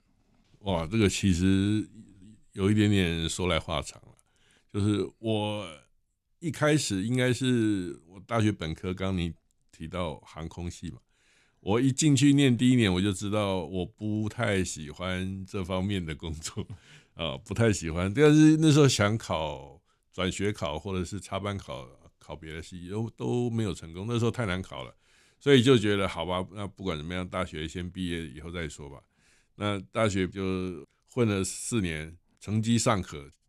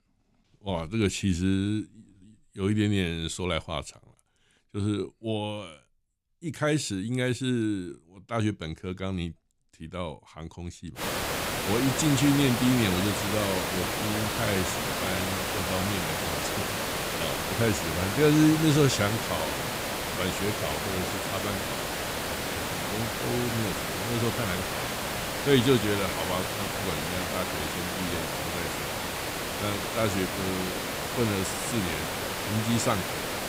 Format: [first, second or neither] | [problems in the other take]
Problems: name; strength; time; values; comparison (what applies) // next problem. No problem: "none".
first | hiss; loud; from 11 s on; 1 dB below the speech